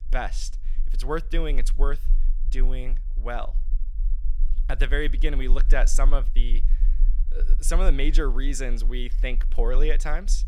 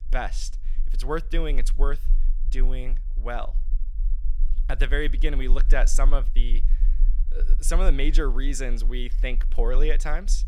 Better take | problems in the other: neither | low rumble; faint; throughout; 20 dB below the speech; the same in both

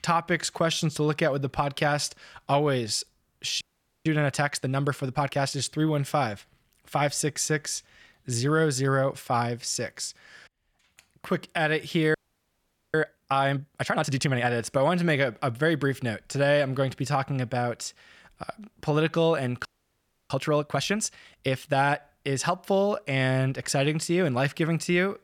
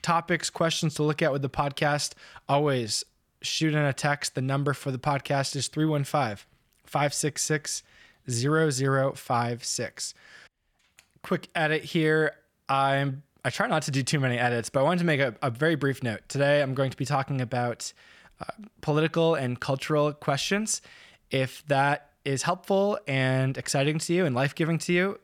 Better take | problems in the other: second | audio freezing; at 3.5 s, at 12 s for 1 s and at 20 s for 0.5 s

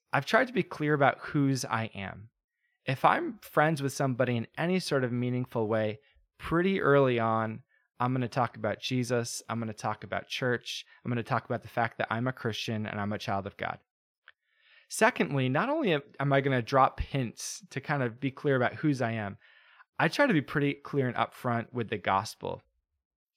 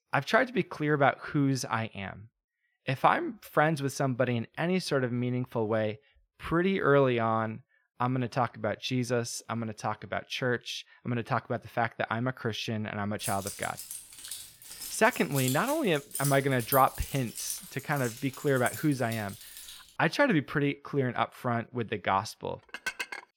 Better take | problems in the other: first | jangling keys; noticeable; from 13 to 20 s; peak 4 dB below the speech // clattering dishes; noticeable; at 23 s; peak 6 dB below the speech

